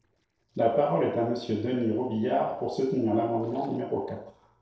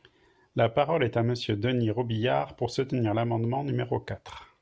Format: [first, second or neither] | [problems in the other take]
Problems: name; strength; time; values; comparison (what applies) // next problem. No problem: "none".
second | noise reduction (neural separator model SepFormer DNS4)